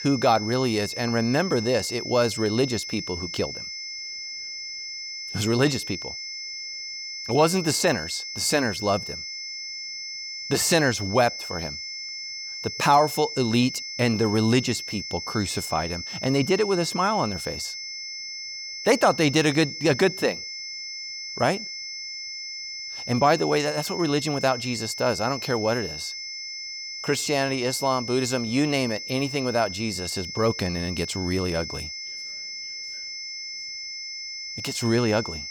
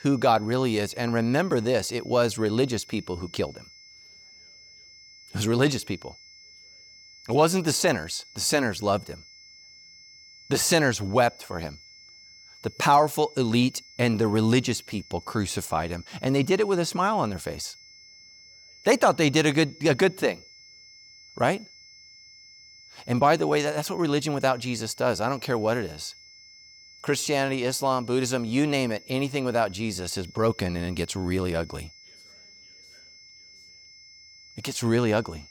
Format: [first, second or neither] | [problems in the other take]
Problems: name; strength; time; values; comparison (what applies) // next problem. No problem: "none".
second | high-pitched whine; loud; throughout; 5.5 kHz, 8 dB below the speech; faint in the second